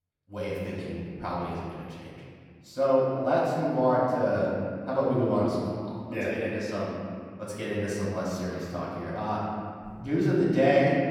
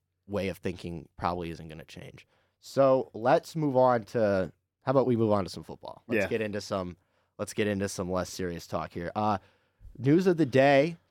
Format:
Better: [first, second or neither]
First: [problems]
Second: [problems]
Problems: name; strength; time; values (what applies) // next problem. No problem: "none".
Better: second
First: room echo; noticeable; dies away in 2 s // off-mic speech; far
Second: none